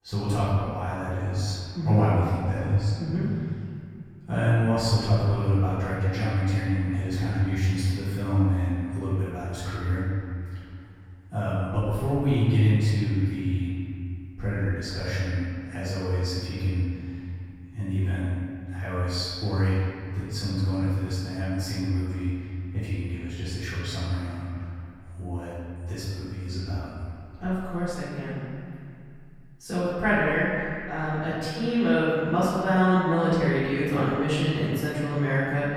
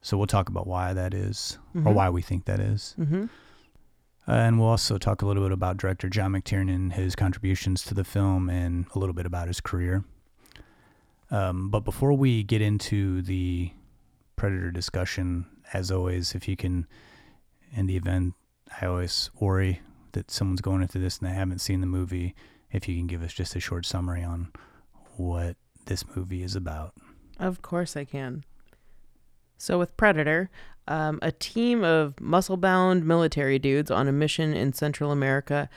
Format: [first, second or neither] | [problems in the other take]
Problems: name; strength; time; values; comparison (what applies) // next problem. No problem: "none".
second | off-mic speech; far // room echo; strong; dies away in 2.5 s